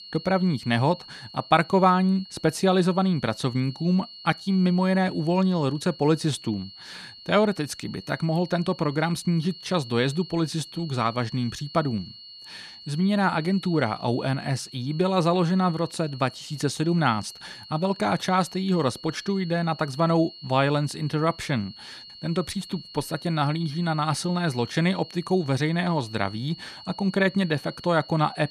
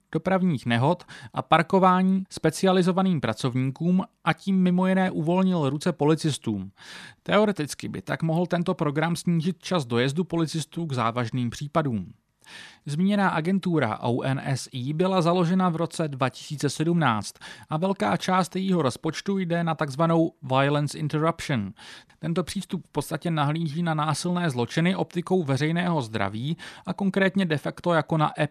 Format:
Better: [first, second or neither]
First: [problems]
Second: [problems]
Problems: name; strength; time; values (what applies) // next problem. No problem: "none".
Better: second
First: high-pitched whine; noticeable; throughout; 4.5 kHz, 15 dB below the speech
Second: none